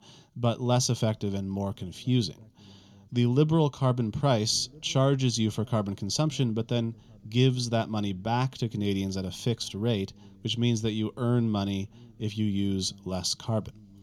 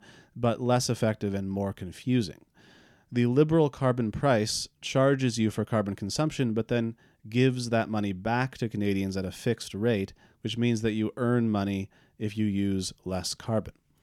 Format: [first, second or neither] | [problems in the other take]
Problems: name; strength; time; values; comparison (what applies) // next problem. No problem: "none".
second | room echo; slight; dies away in 3 s